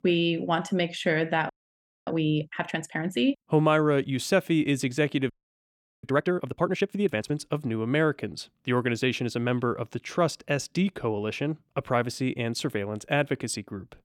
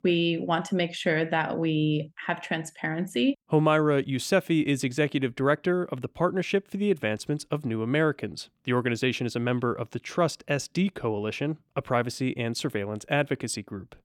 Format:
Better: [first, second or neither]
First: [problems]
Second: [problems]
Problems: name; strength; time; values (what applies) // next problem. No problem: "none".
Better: second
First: audio freezing; at 1.5 s for 0.5 s and at 5.5 s for 0.5 s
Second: none